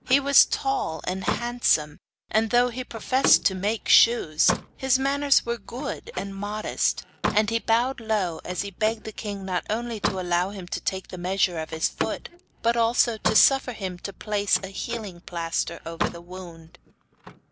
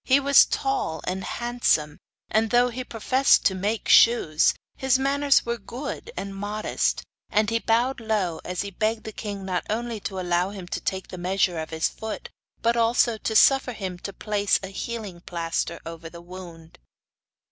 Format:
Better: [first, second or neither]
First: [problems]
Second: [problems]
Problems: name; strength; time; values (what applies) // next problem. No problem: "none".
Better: second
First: background sound (Slam); 10 dB below the speech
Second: none